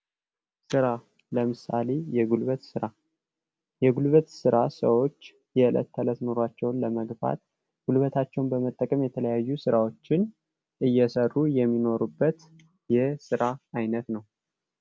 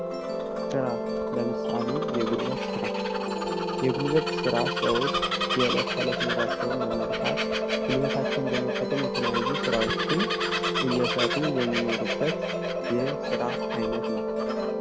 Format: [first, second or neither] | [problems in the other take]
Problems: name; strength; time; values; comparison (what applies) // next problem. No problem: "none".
first | background sound (Bird vocalization, bird call, bird song + Musical instrument); 3 dB above the speech